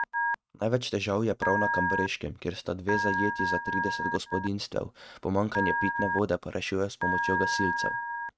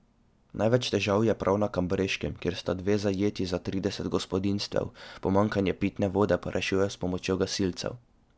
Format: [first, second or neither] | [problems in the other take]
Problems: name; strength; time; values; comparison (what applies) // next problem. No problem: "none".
second | noise reduction (neural mask model RNNoise)